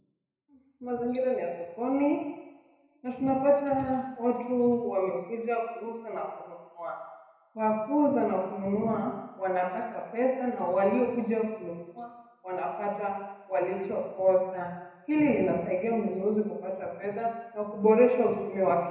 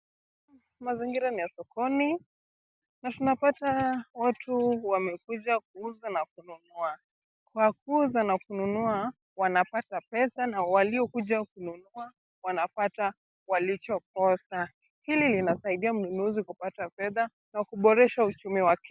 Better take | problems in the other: second | room echo; dies away in 1 s

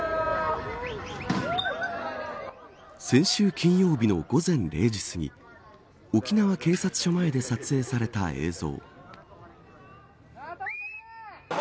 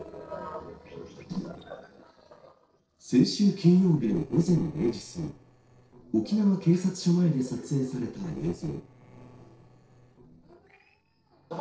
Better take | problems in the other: first | noise reduction (neural separator model SepFormer DNS4)

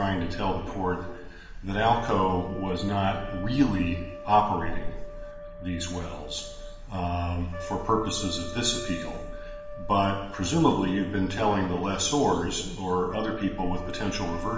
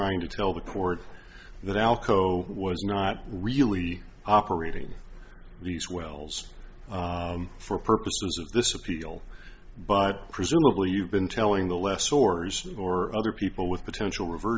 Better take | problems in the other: second | background sound (Trumpet); 14 dB below the speech // room echo; dies away in 1.1 s

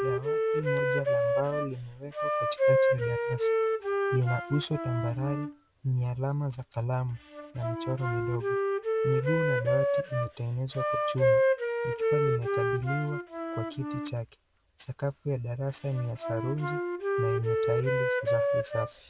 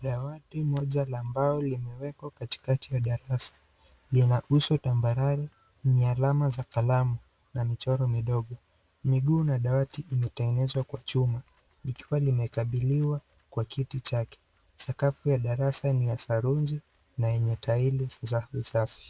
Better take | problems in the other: second | background sound (Wind instrument, woodwind instrument); 3 dB above the speech

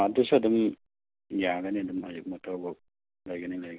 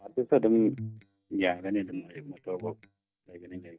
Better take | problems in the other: first | noise reduction (neural mask model DeepFilterNet 3)

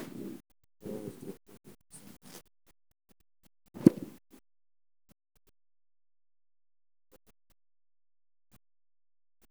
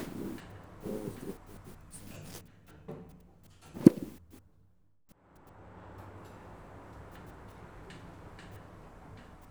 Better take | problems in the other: first | background sound (Sliding door); 14 dB below the speech

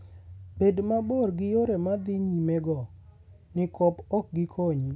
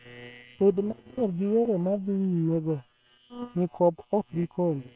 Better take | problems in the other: first | noise reduction (neural separator model SepFormer WHAM!)

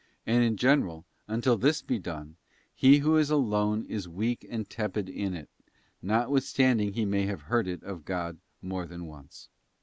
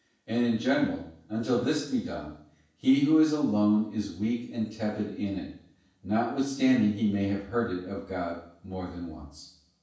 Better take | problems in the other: first | room echo; dies away in 0.7 s

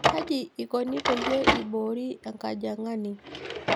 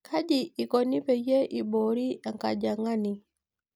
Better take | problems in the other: second | background sound (Drawer open or close); as loud as the speech

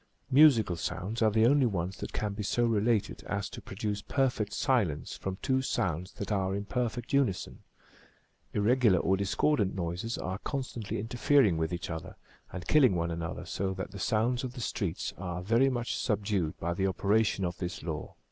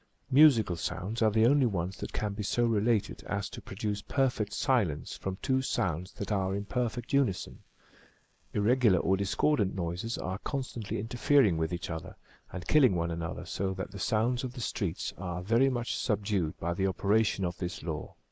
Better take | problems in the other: first | noise reduction (neural mask model Resemble Enhance denoiser)

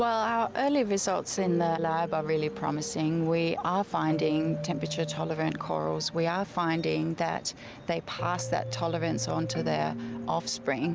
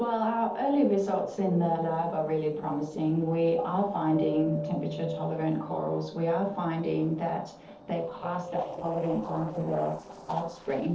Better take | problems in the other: first | noise reduction (neural separator model SepFormer DNS4)

